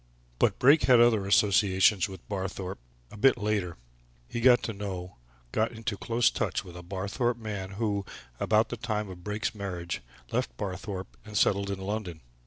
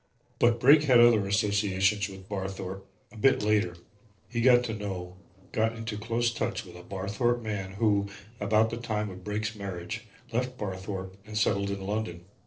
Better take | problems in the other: first | noise reduction (neural separator model SepFormer DNS4)

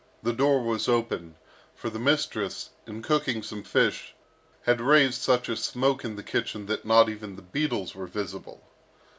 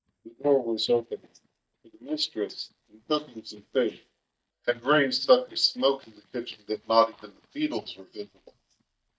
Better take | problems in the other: first | noise reduction (neural mask model DeepFilterNet 3)

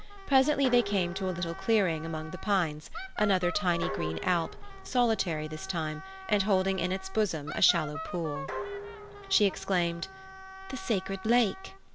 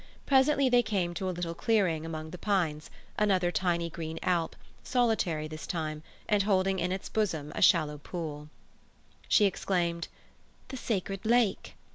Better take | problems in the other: second | background sound (Wind instrument, woodwind instrument + Dishes, pots, and pans); 11 dB below the speech

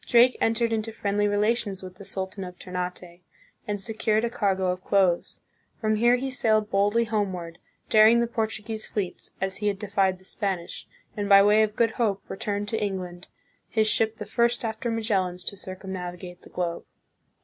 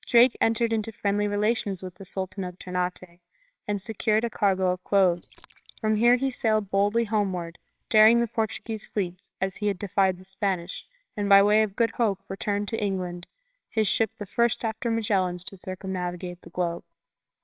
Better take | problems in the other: first | noise reduction (neural separator model SepFormer WHAMR!)

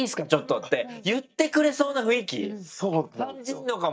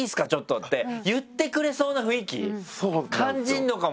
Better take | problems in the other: second | noise reduction (neural mask model DeepFilterNet 3)

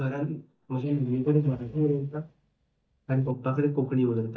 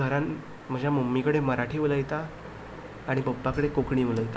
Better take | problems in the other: second | noise reduction (neural mask model DeepFilterNet 3)

